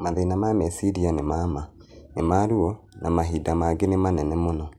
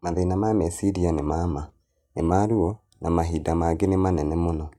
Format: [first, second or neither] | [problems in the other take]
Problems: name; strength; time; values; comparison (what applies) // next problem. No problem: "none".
first | noise reduction (neural mask model DeepFilterNet 3)